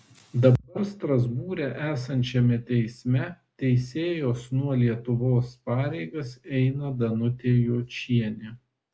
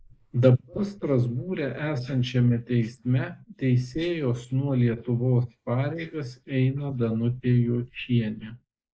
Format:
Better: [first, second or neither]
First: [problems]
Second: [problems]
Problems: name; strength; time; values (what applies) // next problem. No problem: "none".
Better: first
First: none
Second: noise reduction (neural mask model Resemble Enhance denoiser)